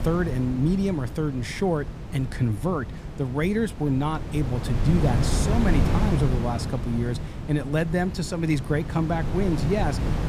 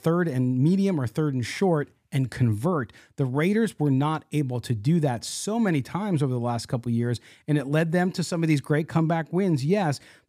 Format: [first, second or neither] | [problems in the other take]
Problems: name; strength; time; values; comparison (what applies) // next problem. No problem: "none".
second | wind noise on the microphone; heavy; 7 dB below the speech